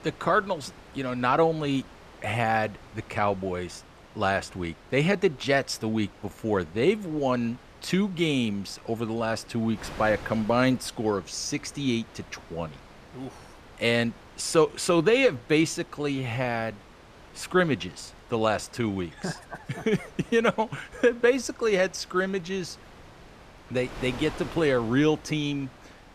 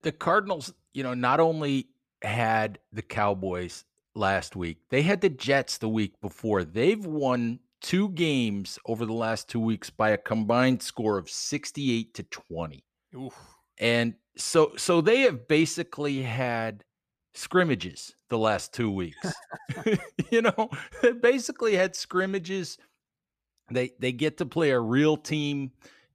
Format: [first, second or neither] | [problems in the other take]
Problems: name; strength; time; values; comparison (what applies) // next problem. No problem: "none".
second | wind noise on the microphone; occasional gusts; 20 dB below the speech